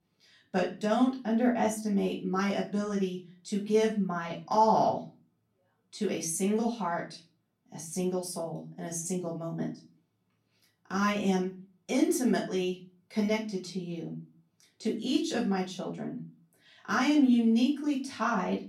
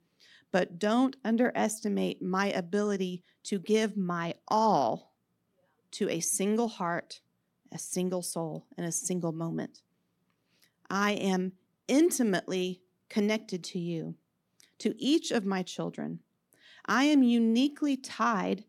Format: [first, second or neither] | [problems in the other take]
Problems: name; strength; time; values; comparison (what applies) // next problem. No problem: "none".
second | off-mic speech; far // room echo; slight; dies away in 0.3 s